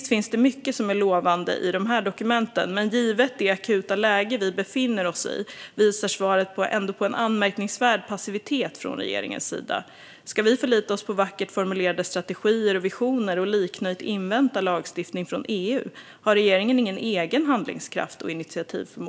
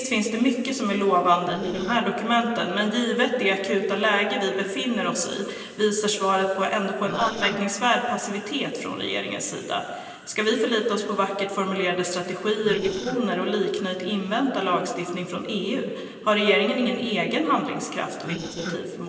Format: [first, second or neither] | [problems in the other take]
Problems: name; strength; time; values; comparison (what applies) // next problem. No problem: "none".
first | noise reduction (neural separator model SepFormer DNS4)